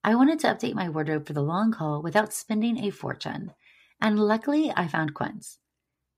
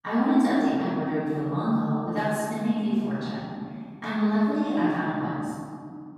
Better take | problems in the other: first | room echo; strong; dies away in 2.2 s // off-mic speech; far

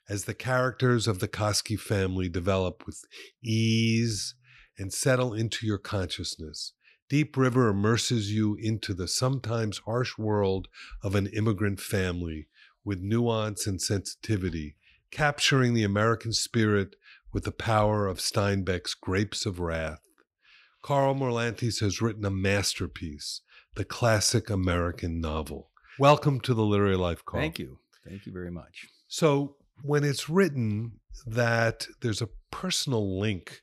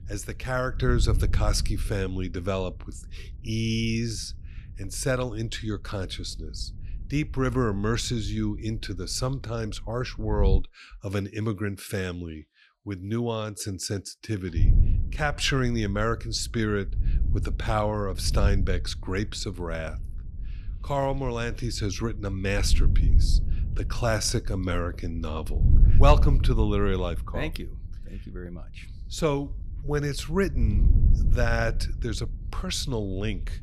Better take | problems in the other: first | wind noise on the microphone; occasional gusts; until 11 s and from 15 s on; 15 dB below the speech

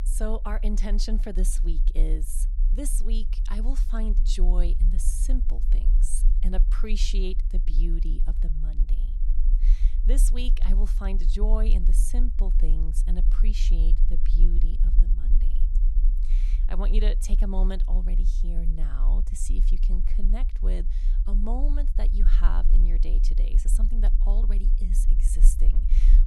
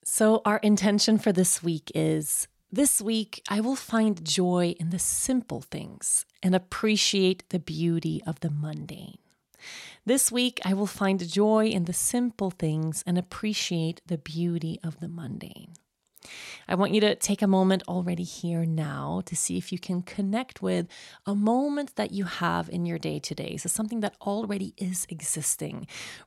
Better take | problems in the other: second | low rumble; noticeable; throughout; 10 dB below the speech

